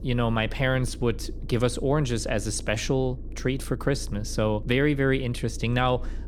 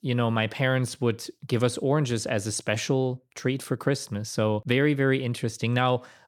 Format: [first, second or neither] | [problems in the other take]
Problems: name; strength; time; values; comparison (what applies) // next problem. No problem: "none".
second | low rumble; faint; throughout; 20 dB below the speech